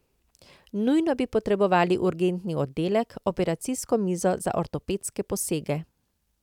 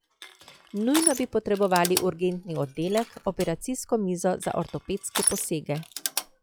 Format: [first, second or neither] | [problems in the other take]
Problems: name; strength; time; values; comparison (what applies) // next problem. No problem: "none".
first | noise reduction (classical method log-MMSE)